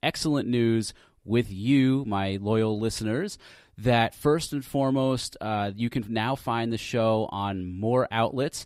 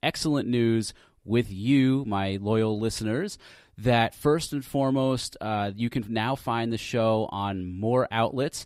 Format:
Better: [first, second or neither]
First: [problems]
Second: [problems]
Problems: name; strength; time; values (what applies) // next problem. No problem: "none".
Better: neither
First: none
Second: none